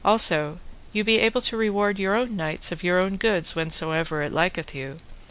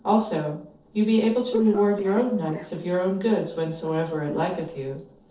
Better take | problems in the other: first | noise reduction (neural separator model SepFormer DNS4)

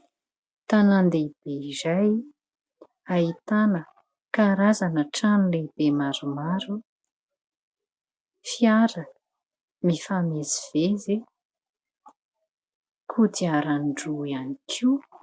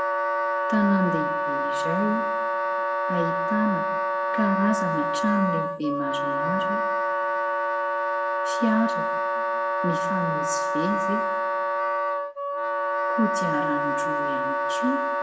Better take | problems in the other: first | background sound (Wind instrument, woodwind instrument); 4 dB above the speech // room echo; dies away in 0.9 s

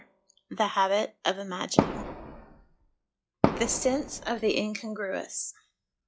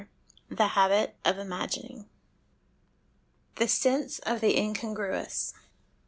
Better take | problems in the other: second | noise reduction (classical method log-MMSE)

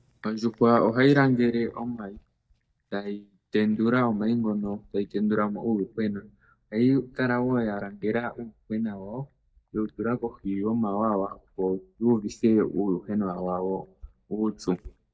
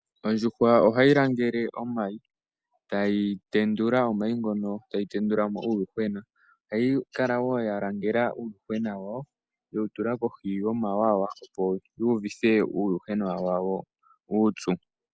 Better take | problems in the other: second | noise reduction (neural mask model DeepFilterNet 3)

